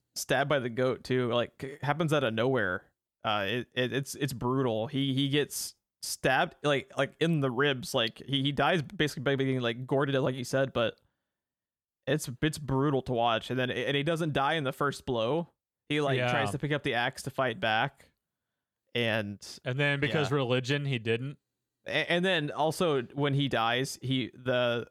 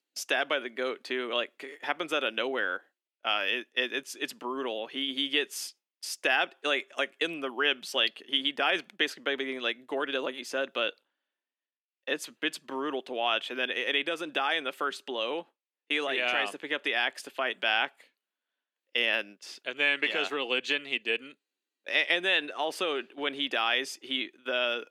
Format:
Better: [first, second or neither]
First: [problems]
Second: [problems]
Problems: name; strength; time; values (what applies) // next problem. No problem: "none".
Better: first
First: none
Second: thin; somewhat; fading below 250 Hz